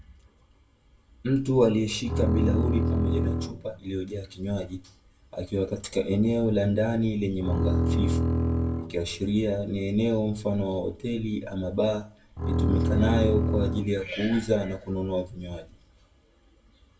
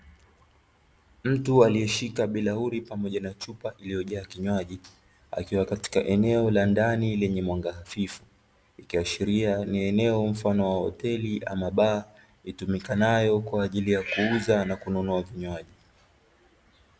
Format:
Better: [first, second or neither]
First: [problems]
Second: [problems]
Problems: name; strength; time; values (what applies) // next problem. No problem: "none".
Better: second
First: background sound (Bowed string instrument); 2 dB above the speech // room echo; dies away in 0.2 s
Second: none